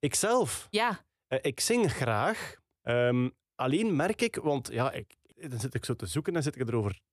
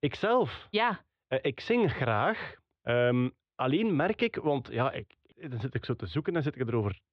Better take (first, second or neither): first